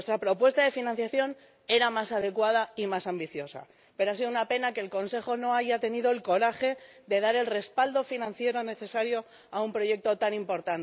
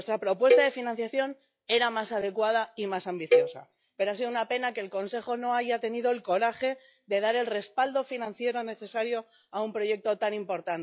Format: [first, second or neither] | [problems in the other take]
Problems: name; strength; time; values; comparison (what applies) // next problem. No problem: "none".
first | noise reduction (classical method log-MMSE)